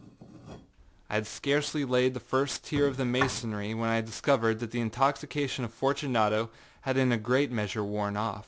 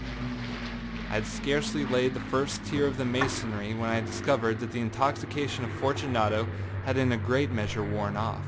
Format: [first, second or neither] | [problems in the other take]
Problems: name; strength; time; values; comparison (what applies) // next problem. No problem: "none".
first | background sound (Aircraft); 5 dB below the speech